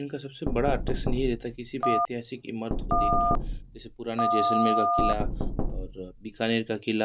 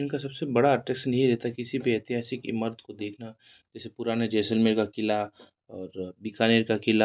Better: second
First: background sound (Knock + Telephone); 4 dB above the speech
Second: none

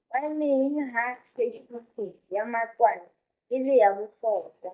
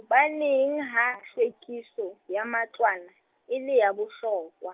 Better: second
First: noise reduction (neural mask model DeepFilterNet 3)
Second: none

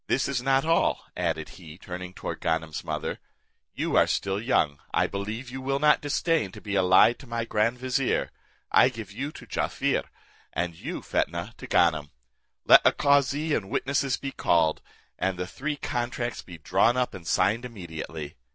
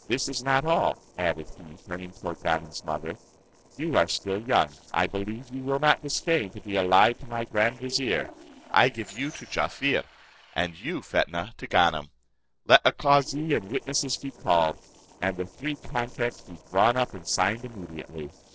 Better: first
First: none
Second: noise reduction (neural separator model SepFormer DNS4)

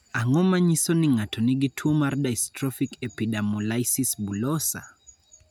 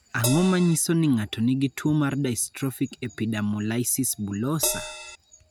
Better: first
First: none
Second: background sound (Crash cymbal); 6 dB below the speech

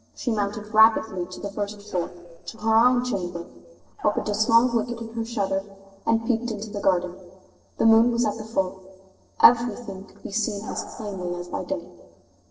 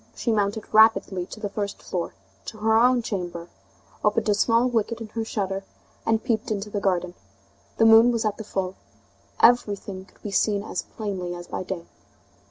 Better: second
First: noise reduction (neural separator model SepFormer DNS4)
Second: none

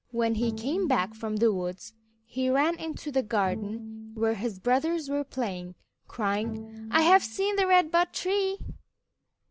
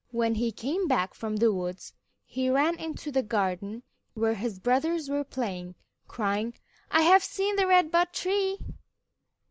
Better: second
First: background sound (Bowed string instrument); 15 dB below the speech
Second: none

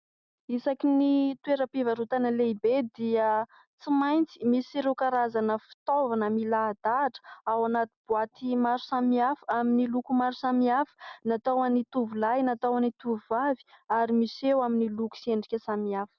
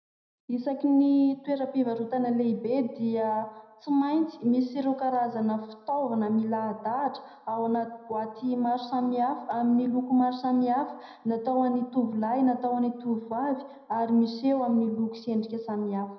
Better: first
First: none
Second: room echo; dies away in 0.8 s

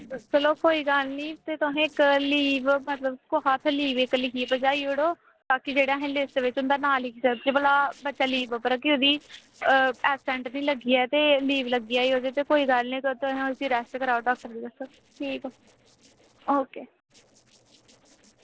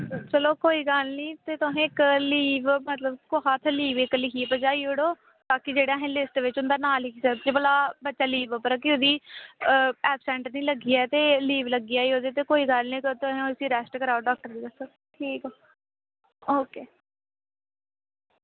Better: second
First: noise reduction (neural separator model SepFormer DNS4)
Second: none

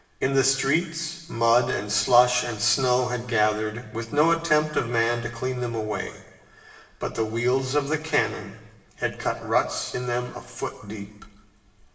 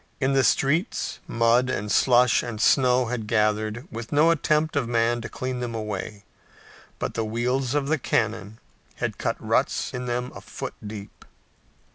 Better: second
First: room echo; dies away in 1.1 s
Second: none

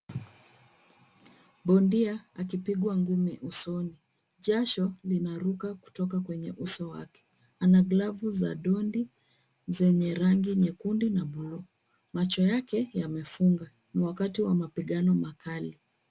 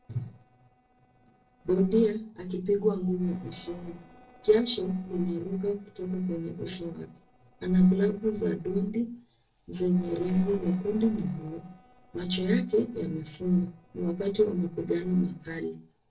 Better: first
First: none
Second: noise reduction (neural separator model SepFormer DNS4)

